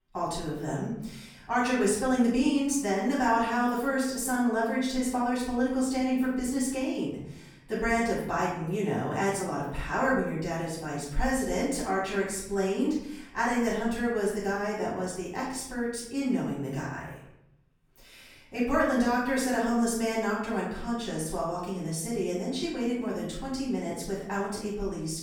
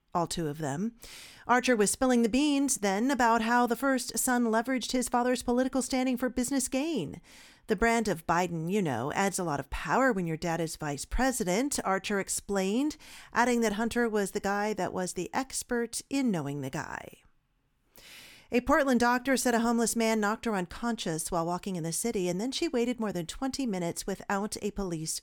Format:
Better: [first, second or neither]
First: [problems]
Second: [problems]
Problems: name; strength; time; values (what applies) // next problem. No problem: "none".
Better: second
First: off-mic speech; far // room echo; noticeable; dies away in 0.8 s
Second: none